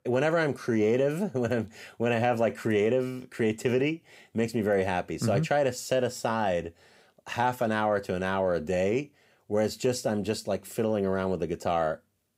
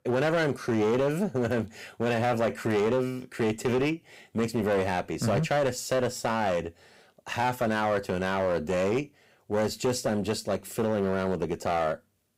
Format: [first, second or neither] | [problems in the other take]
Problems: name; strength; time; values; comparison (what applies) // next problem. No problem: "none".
first | distortion; slight; 13% of the sound clipped